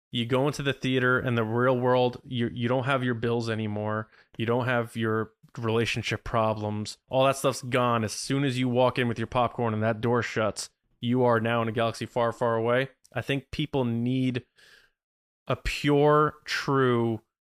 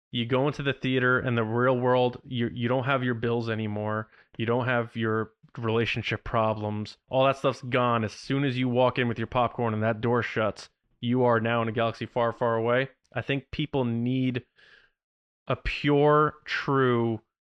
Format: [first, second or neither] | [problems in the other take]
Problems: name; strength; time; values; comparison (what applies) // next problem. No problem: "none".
first | muffled; slightly; fading above 3 kHz